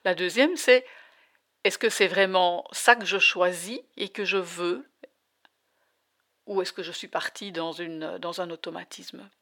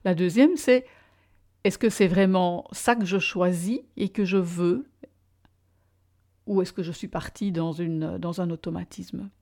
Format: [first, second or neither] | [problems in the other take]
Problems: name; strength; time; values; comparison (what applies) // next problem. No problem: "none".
second | thin; very; fading below 550 Hz